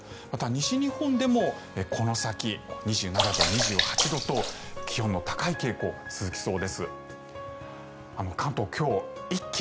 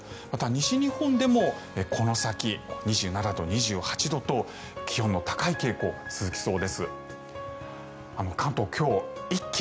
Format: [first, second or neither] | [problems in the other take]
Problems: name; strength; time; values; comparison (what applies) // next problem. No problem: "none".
second | background sound (Sink (filling or washing) / Water / Splash, splatter); as loud as the speech